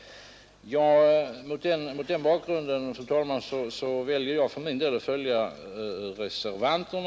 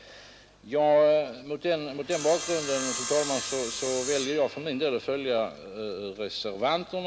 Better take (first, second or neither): first